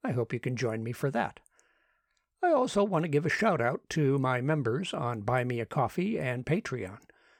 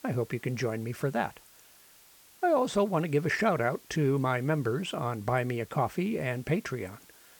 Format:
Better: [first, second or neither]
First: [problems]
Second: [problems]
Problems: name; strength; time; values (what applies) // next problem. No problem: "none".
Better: first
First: none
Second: hiss; faint; throughout; 25 dB below the speech